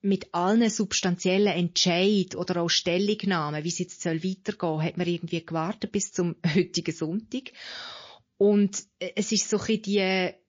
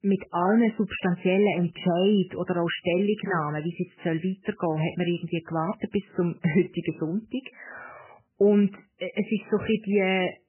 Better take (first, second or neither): first